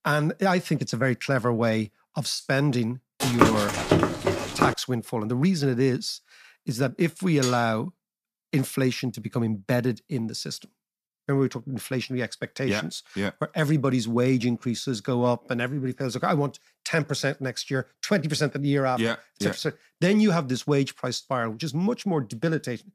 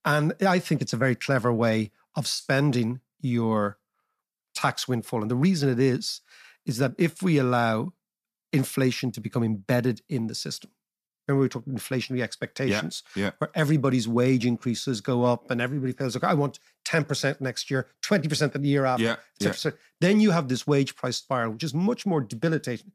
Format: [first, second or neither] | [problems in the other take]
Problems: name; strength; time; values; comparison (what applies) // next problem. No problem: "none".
second | footsteps; loud; from 3 to 4.5 s; peak 5 dB above the speech // clattering dishes; noticeable; at 7.5 s; peak 6 dB below the speech